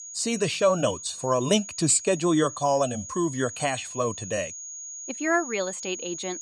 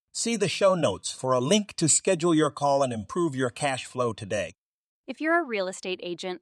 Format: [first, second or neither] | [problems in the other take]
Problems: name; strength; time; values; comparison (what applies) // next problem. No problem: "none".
second | high-pitched whine; noticeable; throughout; 6.5 kHz, 10 dB below the speech